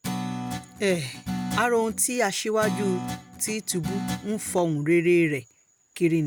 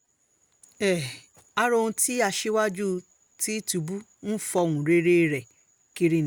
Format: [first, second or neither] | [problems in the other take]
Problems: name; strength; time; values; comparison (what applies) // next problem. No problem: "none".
second | background sound (Guitar); 8 dB below the speech